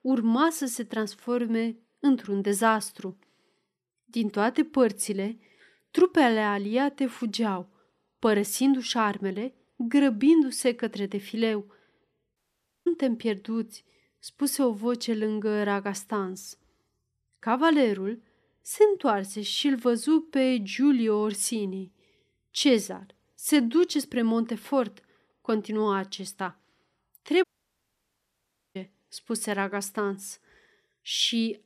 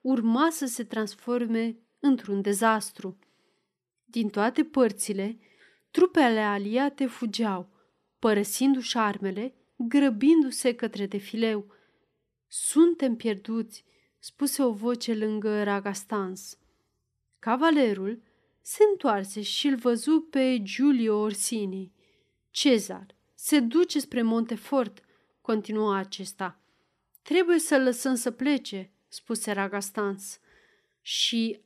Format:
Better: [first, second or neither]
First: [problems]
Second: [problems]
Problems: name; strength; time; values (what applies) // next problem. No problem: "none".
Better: second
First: audio cutting out; at 12 s for 0.5 s and at 27 s for 1.5 s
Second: none